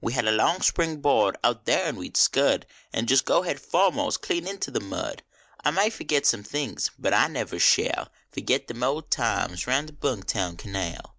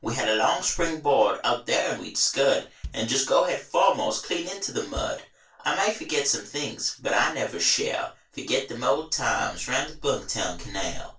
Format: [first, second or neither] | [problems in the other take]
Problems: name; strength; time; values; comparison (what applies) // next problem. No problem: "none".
first | background sound (Bass drum); 18 dB below the speech // room echo; dies away in 0.2 s